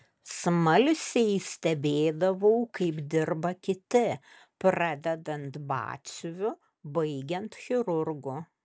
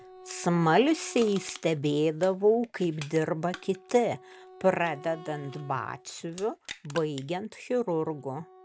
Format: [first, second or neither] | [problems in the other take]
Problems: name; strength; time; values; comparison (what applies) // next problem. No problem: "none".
first | background sound (Wind instrument, woodwind instrument + Crushing); 19 dB below the speech